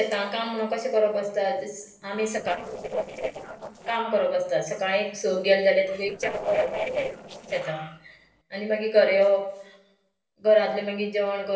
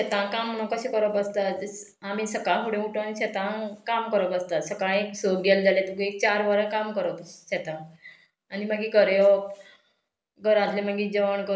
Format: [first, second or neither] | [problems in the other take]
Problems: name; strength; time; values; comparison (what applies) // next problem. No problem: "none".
second | noise reduction (neural separator model SepFormer DNS4)